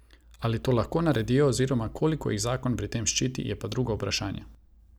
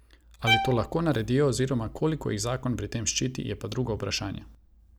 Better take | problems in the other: first | background sound (Bowed string instrument); 5 dB below the speech

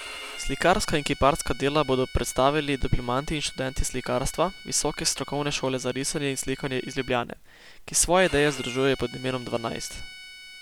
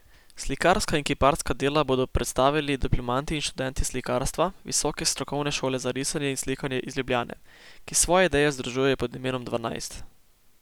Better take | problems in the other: second | background sound (Bowed string instrument); 17 dB below the speech

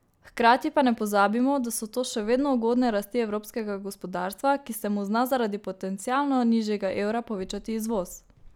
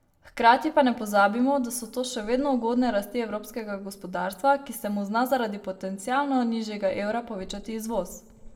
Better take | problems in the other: first | room echo; dies away in 0.7 s

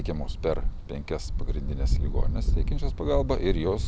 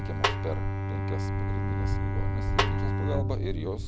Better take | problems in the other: first | background sound (Bowed string instrument + Snare drum); 3 dB above the speech

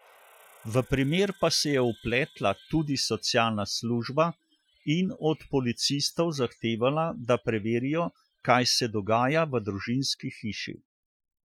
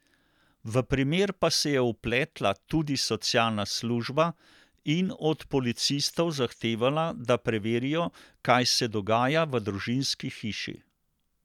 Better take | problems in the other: second | noise reduction (classical method Wiener filter)

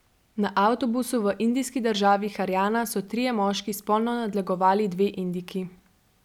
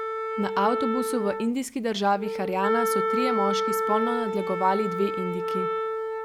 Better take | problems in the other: first | background sound (Wind instrument, woodwind instrument); as loud as the speech

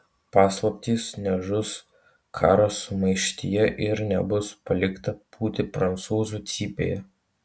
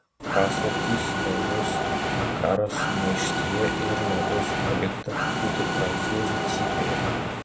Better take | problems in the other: first | background sound (Mechanisms); 4 dB above the speech

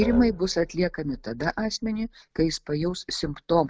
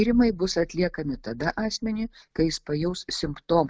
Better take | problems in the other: second | background sound (Musical instrument); 14 dB below the speech

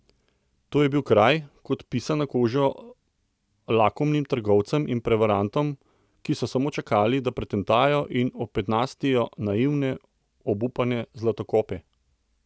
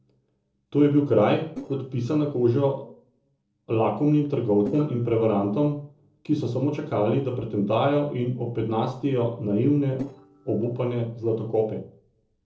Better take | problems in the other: first | noise reduction (neural separator model SepFormer DNS4)

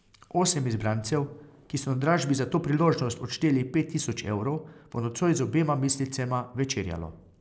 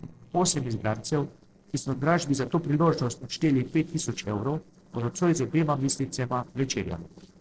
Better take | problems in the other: first | noise reduction (neural separator model SepFormer DNS4)

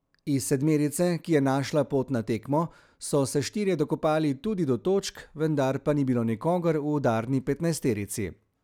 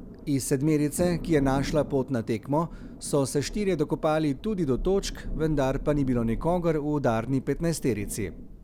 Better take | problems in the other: first | background sound (Thunder); 11 dB below the speech

